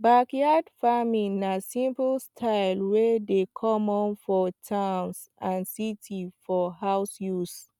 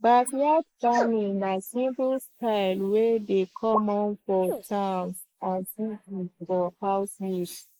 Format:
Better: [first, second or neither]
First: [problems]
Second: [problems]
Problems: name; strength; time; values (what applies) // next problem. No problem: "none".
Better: first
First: none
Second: noise reduction (neural mask model Resemble Enhance denoiser)